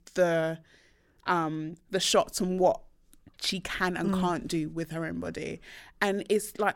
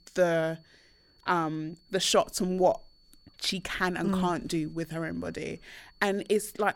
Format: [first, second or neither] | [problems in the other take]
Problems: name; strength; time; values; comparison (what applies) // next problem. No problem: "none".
first | high-pitched whine; faint; throughout; 4.5 kHz, 35 dB below the speech